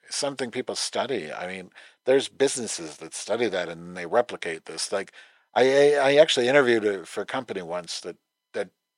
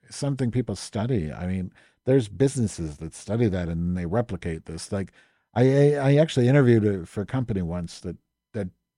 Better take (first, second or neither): second